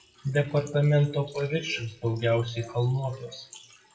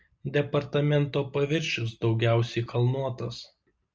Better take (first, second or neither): second